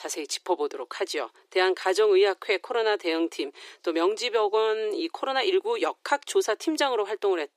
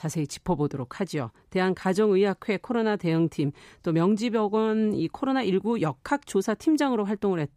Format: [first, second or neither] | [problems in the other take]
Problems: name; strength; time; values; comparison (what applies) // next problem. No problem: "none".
second | thin; very; fading below 350 Hz